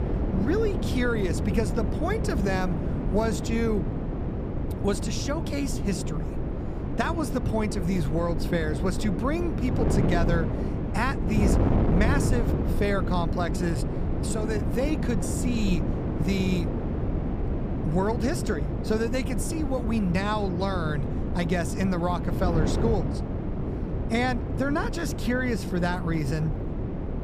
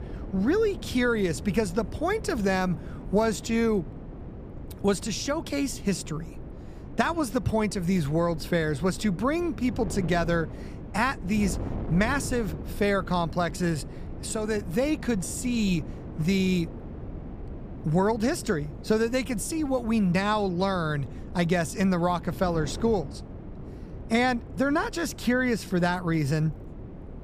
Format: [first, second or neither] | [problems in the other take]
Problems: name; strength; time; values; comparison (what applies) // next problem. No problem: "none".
second | wind noise on the microphone; heavy; 5 dB below the speech; occasional gusts in the second